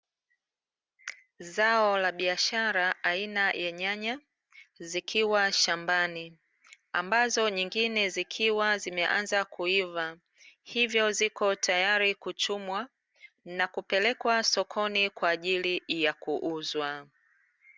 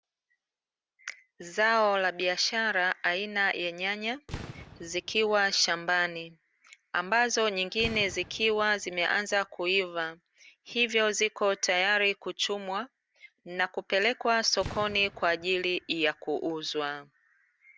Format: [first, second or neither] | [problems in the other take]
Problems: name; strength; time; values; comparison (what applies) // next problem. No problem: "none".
first | background sound (Fireworks); 16 dB below the speech